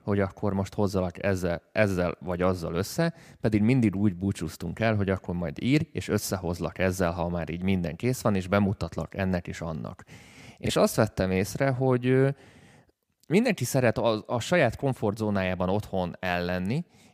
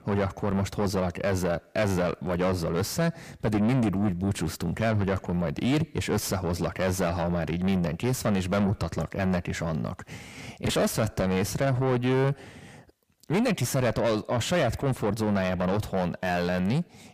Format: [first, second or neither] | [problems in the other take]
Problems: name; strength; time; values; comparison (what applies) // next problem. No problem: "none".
first | distortion; heavy; 7 dB below the speech